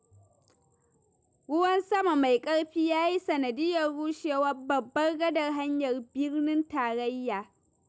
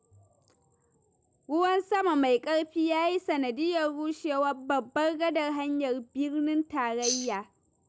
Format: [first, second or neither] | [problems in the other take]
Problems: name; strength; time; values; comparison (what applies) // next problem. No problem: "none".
first | background sound (Tambourine); 3 dB below the speech